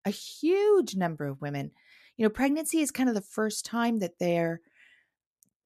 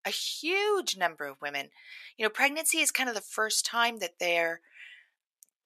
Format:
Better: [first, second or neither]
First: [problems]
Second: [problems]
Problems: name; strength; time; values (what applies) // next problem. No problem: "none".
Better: first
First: none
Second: thin; very; fading below 800 Hz